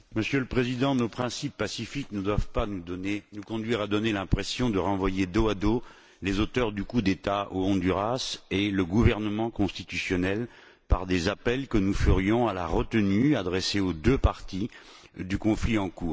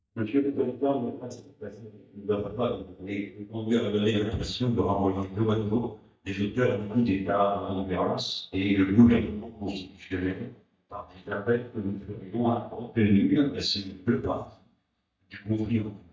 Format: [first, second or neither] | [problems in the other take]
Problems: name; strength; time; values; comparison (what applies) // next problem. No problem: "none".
first | noise reduction (neural mask model DeepFilterNet 3)